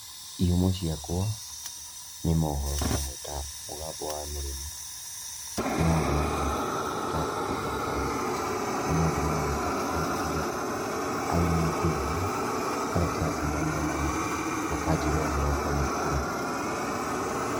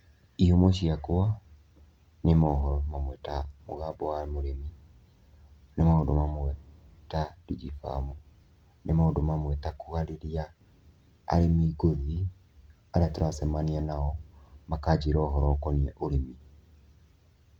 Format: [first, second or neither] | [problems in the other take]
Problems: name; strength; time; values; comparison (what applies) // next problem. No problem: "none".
second | background sound (Fire); 1 dB above the speech